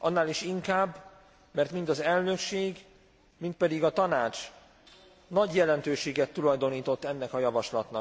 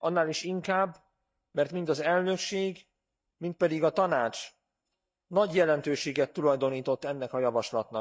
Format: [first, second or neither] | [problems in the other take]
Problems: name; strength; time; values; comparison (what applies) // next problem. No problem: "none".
first | noise reduction (neural mask model DeepFilterNet 3)